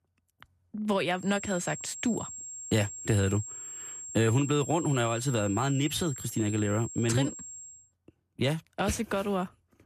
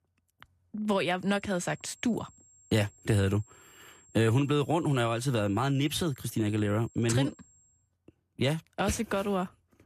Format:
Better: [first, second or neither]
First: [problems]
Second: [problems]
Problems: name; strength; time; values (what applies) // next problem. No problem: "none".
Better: second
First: high-pitched whine; loud; from 1.5 to 7.5 s; 7.5 kHz, 10 dB below the speech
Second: high-pitched whine; faint; from 1.5 to 7.5 s; 7.5 kHz, 30 dB below the speech